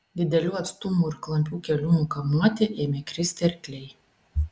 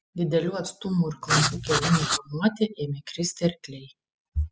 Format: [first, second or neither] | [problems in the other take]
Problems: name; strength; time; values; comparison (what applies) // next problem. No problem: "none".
first | noise reduction (classical method spectral subtraction)